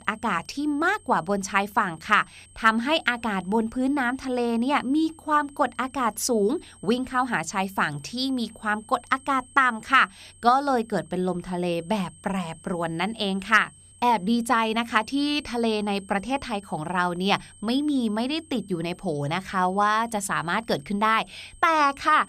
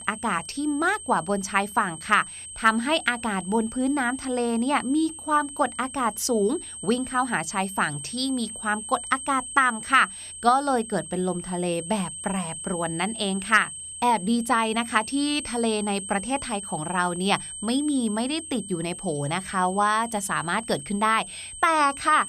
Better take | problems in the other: first | high-pitched whine; loud; throughout; 8.5 kHz, 10 dB below the speech; faint in the first

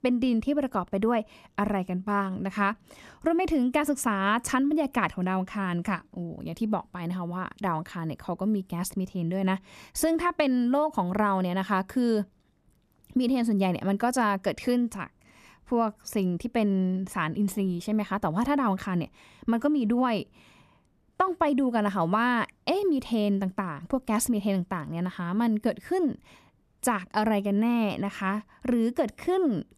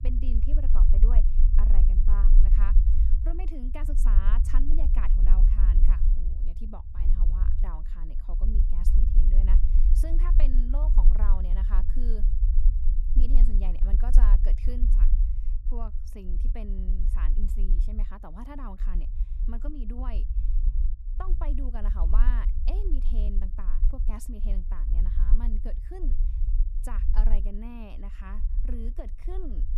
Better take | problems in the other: first | low rumble; loud; throughout; 5 dB below the speech

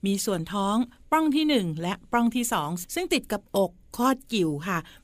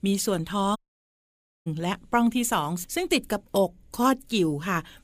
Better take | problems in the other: first | audio cutting out; at 1 s for 1 s

